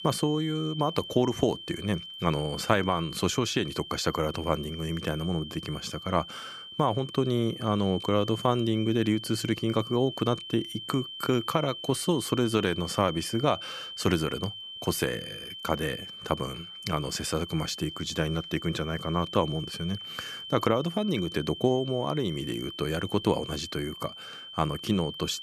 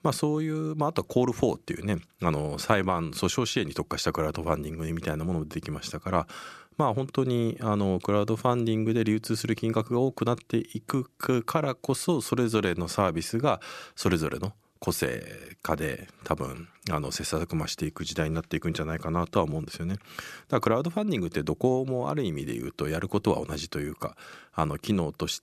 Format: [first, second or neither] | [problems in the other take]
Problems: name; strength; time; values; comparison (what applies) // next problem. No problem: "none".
second | high-pitched whine; loud; throughout; 3 kHz, 10 dB below the speech